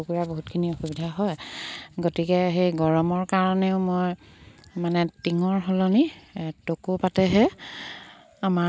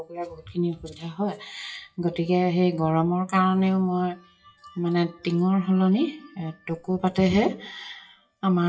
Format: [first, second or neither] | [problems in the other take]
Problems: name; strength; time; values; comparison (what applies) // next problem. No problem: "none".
first | noise reduction (classical method WPE with log-MMSE)